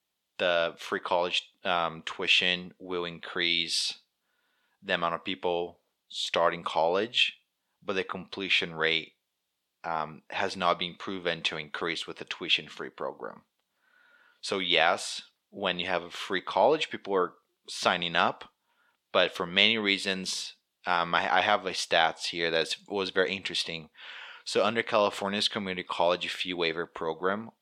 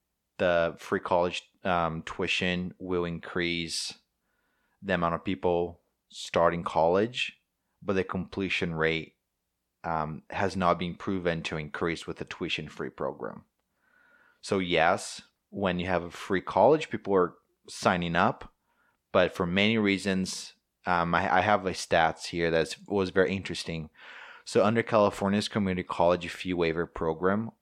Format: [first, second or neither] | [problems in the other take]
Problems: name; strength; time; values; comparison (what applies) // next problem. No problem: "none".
second | thin; very slightly; fading below 450 Hz